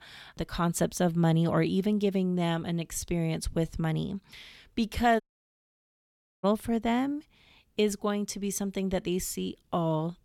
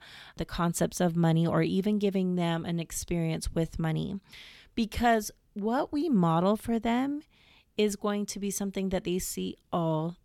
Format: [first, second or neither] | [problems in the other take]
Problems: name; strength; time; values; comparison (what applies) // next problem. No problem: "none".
second | audio cutting out; at 5 s for 1 s